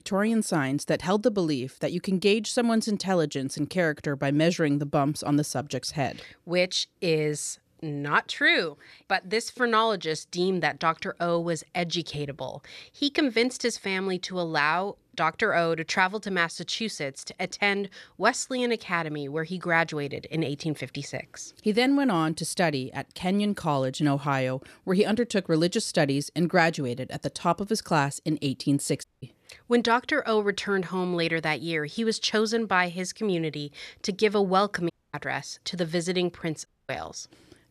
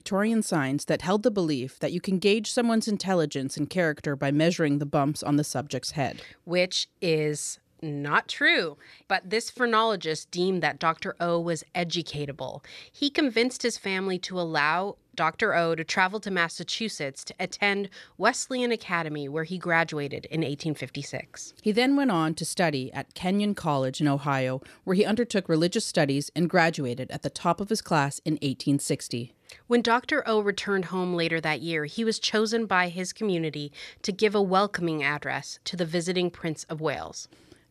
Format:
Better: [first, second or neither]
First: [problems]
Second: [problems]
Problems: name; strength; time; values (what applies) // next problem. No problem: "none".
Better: second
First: audio cutting out; at 29 s, at 35 s and at 37 s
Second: none